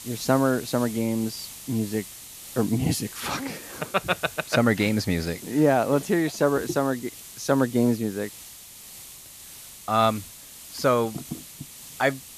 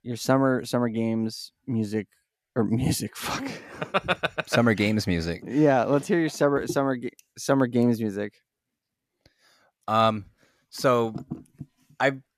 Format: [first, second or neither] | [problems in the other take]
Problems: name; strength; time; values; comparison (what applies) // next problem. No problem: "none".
second | hiss; noticeable; throughout; 15 dB below the speech